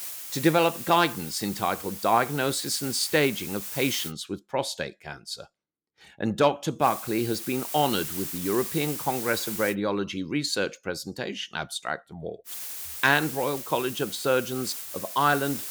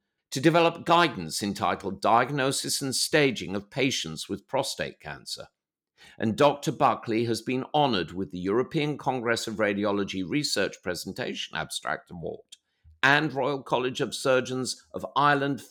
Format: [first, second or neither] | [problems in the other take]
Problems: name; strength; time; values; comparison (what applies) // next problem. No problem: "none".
second | hiss; loud; until 4 s, from 7 to 9.5 s and from 12 s on; 6 dB below the speech